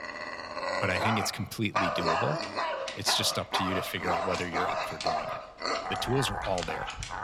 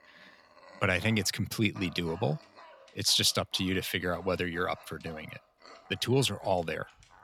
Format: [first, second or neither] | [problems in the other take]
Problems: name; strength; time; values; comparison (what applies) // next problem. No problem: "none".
second | animal sounds; loud; throughout; as loud as the speech; faint in the second